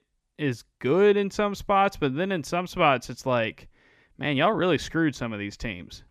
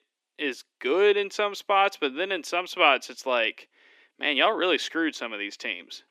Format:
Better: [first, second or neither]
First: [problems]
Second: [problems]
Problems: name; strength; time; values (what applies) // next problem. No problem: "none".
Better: first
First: none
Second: thin; somewhat; fading below 300 Hz